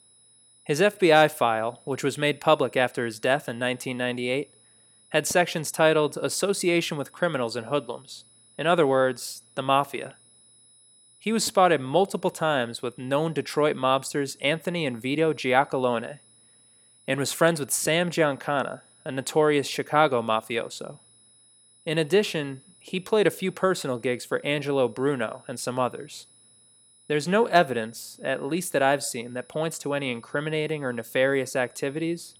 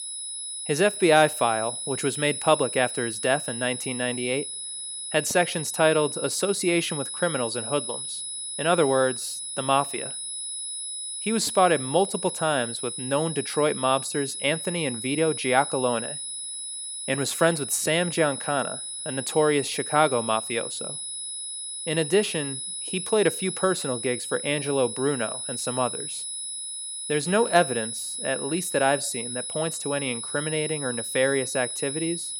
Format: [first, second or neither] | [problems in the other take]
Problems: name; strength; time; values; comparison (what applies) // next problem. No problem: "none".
first | high-pitched whine; loud; throughout; 10 kHz, 5 dB below the speech; faint in the first